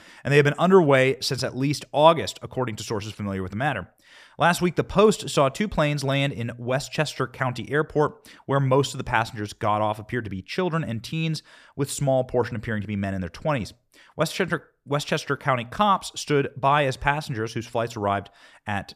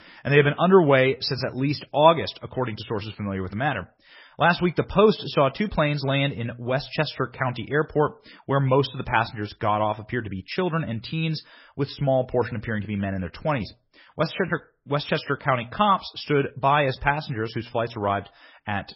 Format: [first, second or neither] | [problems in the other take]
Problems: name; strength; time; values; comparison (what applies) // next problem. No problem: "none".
first | garbled, watery; badly; nothing above 5.5 kHz